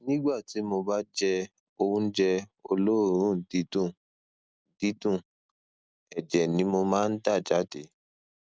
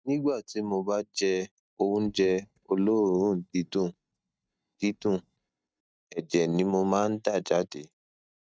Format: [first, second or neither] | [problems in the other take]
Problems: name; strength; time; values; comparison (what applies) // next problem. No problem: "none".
first | noise reduction (neural mask model DeepFilterNet 3)